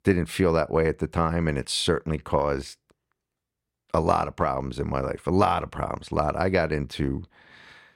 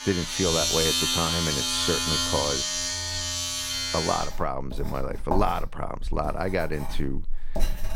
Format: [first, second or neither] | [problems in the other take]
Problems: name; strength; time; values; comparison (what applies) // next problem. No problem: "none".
first | household noises; very loud; throughout; 4 dB above the speech